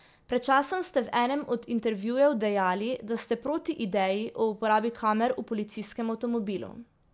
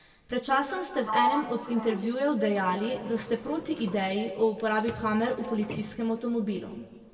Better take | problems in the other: first | background sound (Sliding door); 9 dB below the speech // room echo; dies away in 1.4 s

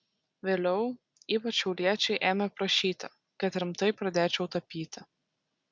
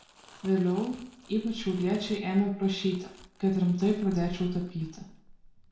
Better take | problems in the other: first | background sound (Crumpling, crinkling); 19 dB below the speech // room echo; dies away in 0.6 s

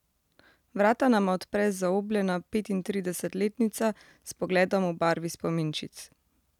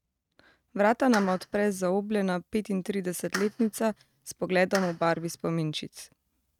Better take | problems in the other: first | noise reduction (neural mask model RNNoise)

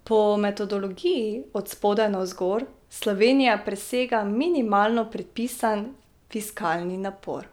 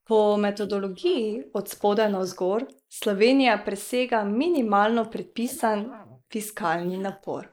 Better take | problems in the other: first | noise reduction (neural mask model Resemble Enhance denoiser)

